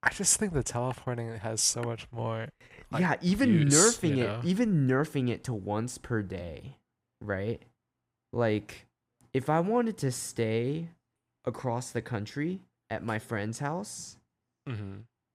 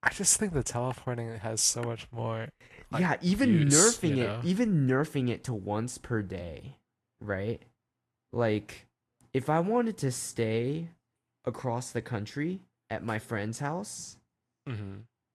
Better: first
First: none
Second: garbled, watery; slightly; nothing above 11 kHz

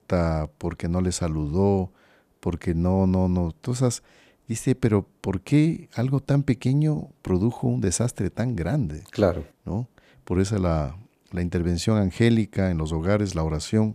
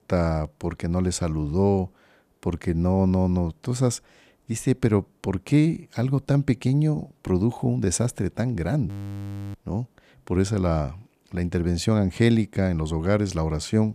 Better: first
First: none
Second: audio freezing; at 9 s for 0.5 s

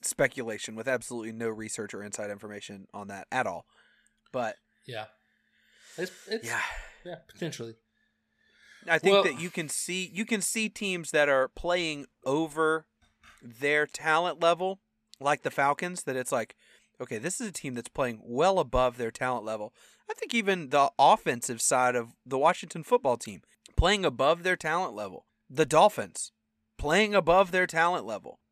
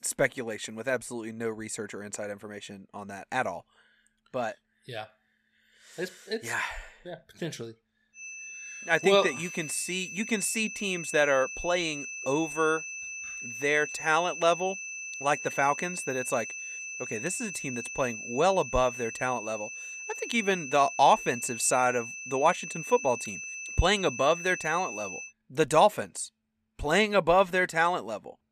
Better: first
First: none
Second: high-pitched whine; loud; from 8 to 25 s; 2.5 kHz, 9 dB below the speech

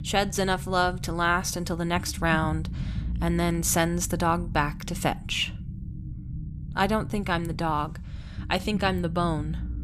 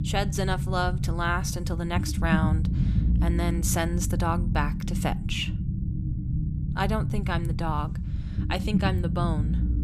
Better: first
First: low rumble; faint; throughout; 20 dB below the speech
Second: low rumble; loud; throughout; 9 dB below the speech

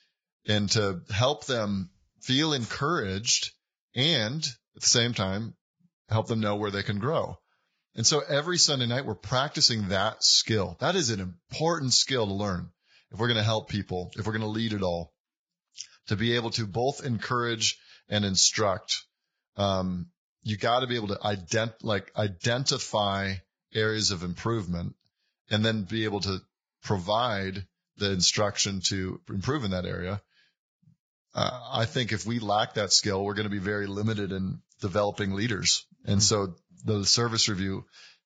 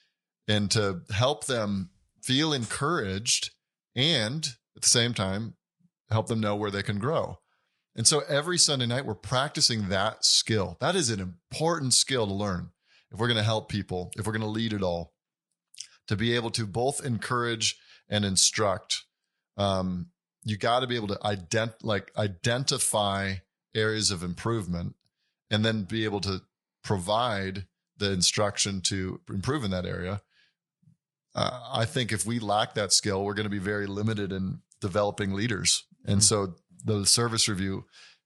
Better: second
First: garbled, watery; badly; nothing above 7.5 kHz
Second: garbled, watery; slightly; nothing above 10.5 kHz

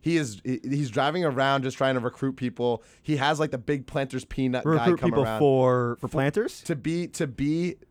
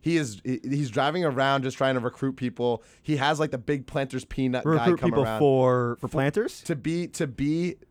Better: neither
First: none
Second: none

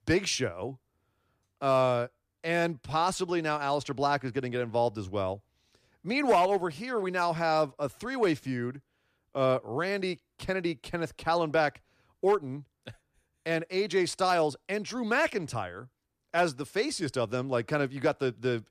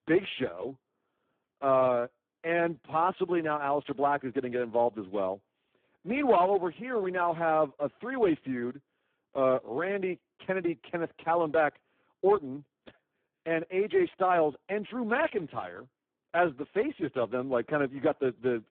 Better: first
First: none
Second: phone-call audio; poor line

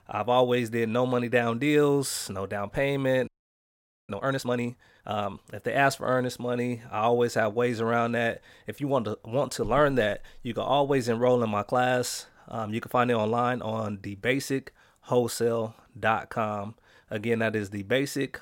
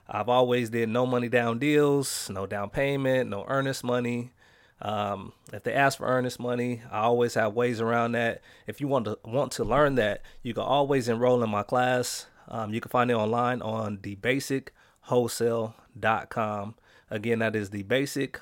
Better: second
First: audio freezing; at 3.5 s for 1 s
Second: none

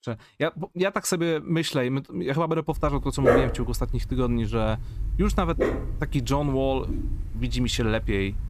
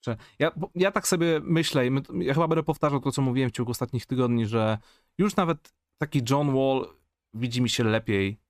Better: second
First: dog barking; loud; from 2.5 s on; peak 6 dB above the speech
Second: none

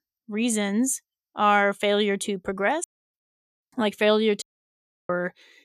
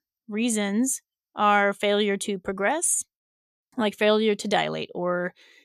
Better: second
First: audio cutting out; at 3 s and at 4.5 s for 0.5 s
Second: none

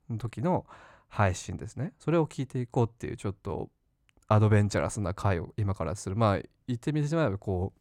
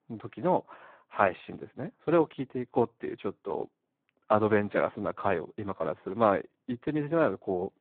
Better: first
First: none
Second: phone-call audio; poor line; nothing above 4 kHz

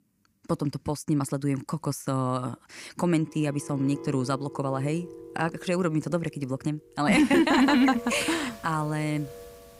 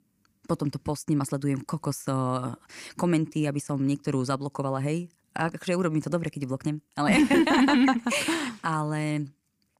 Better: second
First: background music; noticeable; from 3.5 s on; 15 dB below the speech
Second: none

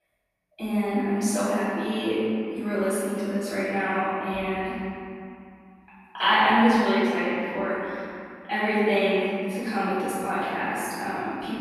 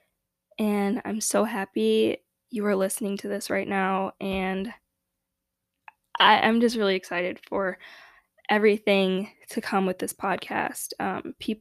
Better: second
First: room echo; strong; dies away in 2.5 s // off-mic speech; far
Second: none

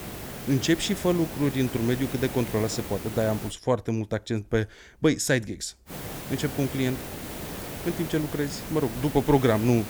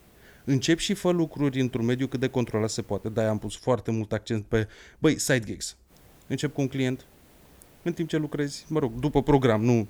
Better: second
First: hiss; loud; until 3.5 s and from 6 s on; 9 dB below the speech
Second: hiss; faint; until 3.5 s and from 6 s on; 30 dB below the speech

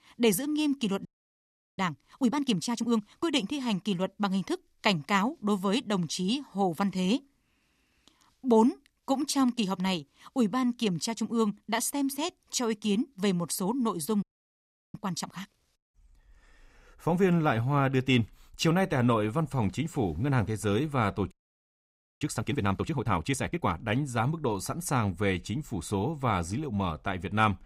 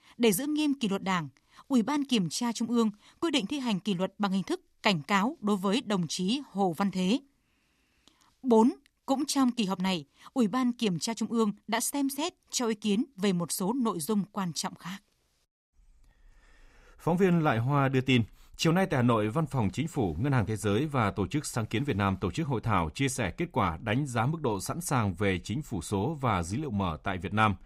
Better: second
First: audio freezing; at 1 s for 0.5 s, at 14 s for 0.5 s and at 21 s for 1 s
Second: none

